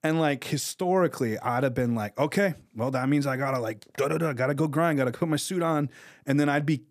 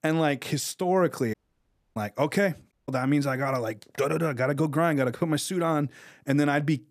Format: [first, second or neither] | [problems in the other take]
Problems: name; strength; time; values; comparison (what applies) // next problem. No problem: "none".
first | audio cutting out; at 1.5 s for 0.5 s and at 2.5 s